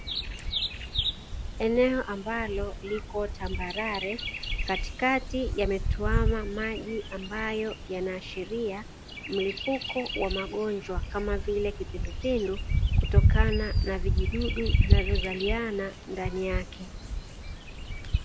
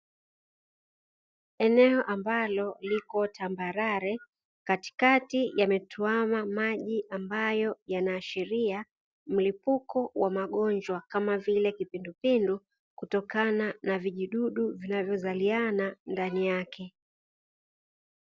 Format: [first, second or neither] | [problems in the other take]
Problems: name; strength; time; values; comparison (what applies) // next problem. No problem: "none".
second | background sound (Bird vocalization, bird call, bird song); 3 dB above the speech